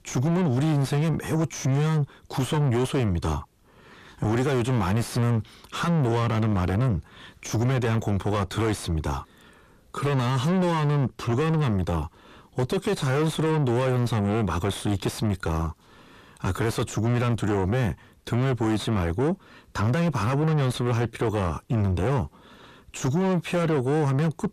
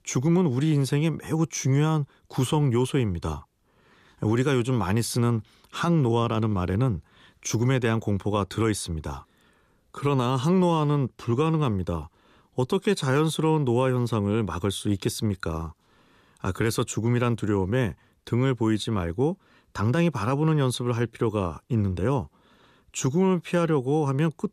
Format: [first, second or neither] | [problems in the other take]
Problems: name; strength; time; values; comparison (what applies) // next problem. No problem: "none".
second | distortion; heavy; 7 dB below the speech